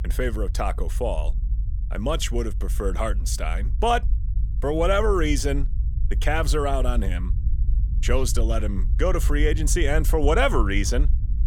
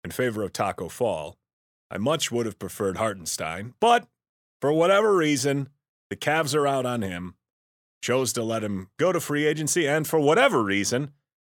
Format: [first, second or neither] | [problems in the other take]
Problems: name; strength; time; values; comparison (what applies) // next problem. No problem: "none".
second | low rumble; faint; throughout; 20 dB below the speech